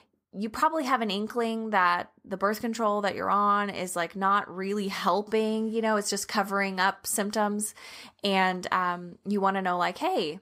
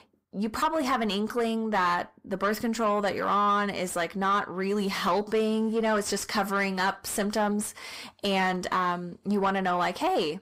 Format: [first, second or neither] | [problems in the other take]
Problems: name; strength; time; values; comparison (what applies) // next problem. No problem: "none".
first | distortion; slight; 10 dB below the speech